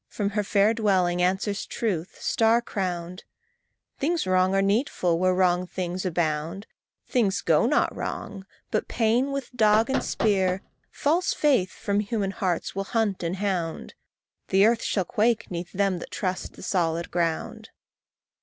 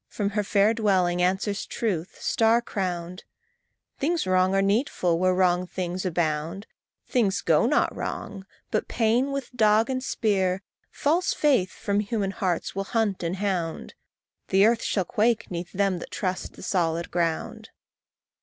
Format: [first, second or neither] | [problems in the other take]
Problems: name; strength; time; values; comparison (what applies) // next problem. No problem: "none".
second | background sound (Knock); 8 dB below the speech